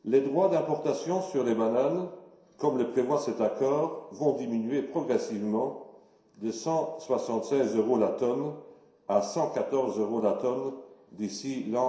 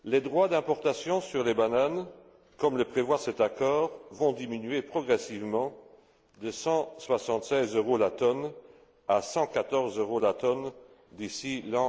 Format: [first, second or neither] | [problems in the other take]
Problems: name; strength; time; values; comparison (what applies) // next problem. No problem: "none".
second | room echo; dies away in 0.7 s